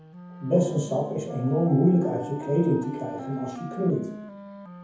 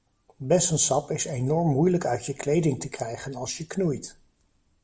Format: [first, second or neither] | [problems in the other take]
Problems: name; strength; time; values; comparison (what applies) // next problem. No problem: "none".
second | background sound (Wind instrument, woodwind instrument); 13 dB below the speech // room echo; dies away in 0.7 s